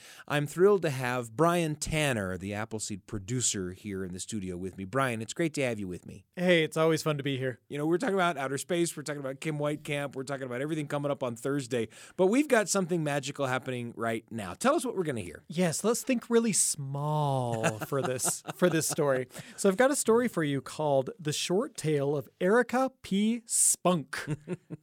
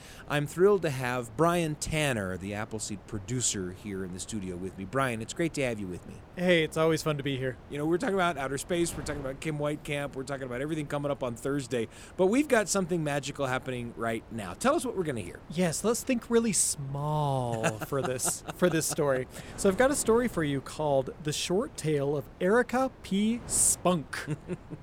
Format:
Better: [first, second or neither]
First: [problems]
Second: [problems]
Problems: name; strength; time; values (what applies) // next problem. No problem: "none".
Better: first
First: none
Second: wind noise on the microphone; occasional gusts; 20 dB below the speech